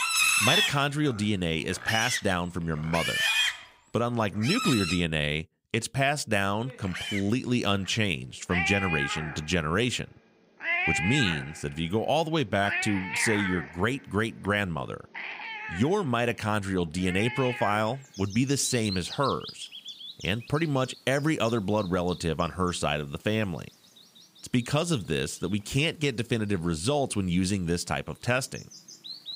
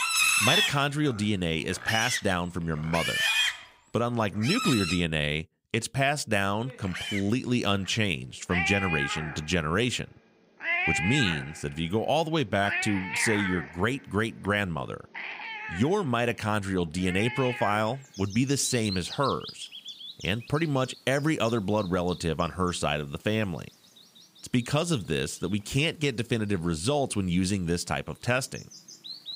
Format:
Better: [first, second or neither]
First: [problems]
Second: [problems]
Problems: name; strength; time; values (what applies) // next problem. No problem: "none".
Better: neither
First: animal sounds; loud; throughout; 1 dB below the speech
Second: animal sounds; loud; throughout; 1 dB below the speech